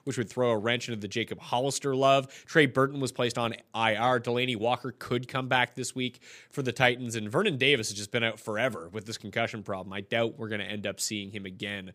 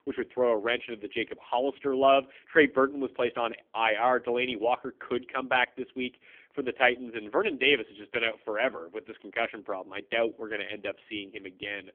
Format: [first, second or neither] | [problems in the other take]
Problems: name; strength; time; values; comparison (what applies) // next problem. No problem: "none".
first | phone-call audio; poor line; nothing above 3.5 kHz